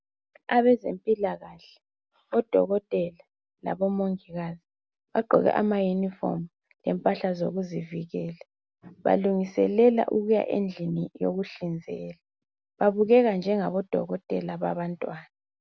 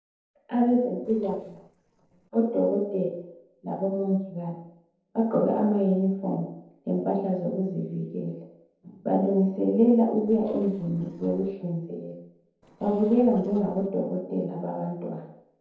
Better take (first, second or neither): first